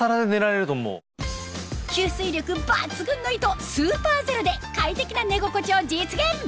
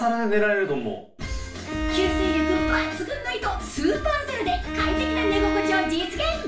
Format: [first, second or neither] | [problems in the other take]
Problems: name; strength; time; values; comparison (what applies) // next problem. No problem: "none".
first | background sound (Bowed string instrument); 2 dB below the speech // room echo; dies away in 0.4 s